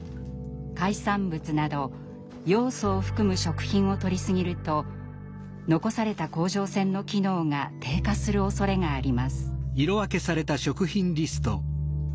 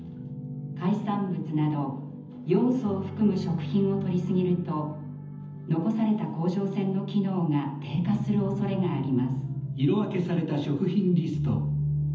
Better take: first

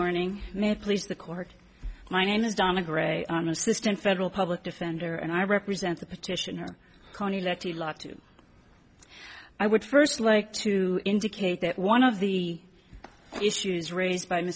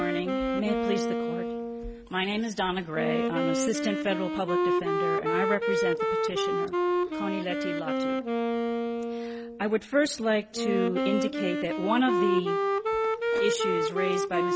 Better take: first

